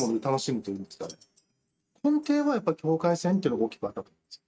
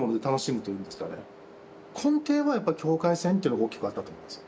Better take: second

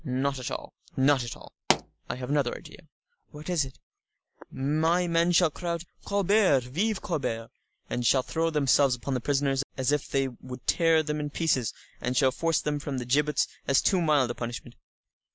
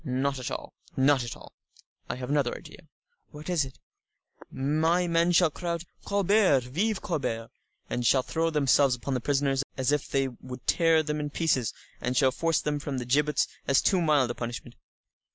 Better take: second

